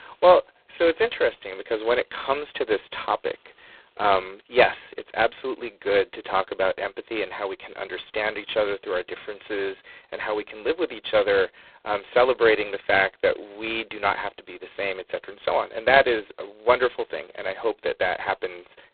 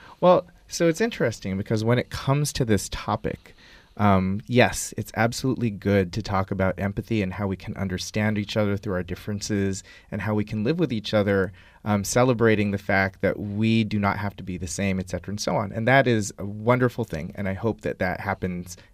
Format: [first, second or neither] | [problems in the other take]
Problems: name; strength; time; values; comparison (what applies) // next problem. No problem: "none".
second | phone-call audio; poor line; nothing above 4 kHz